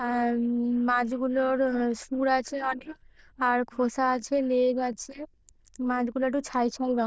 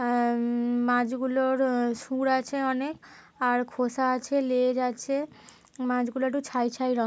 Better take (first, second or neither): second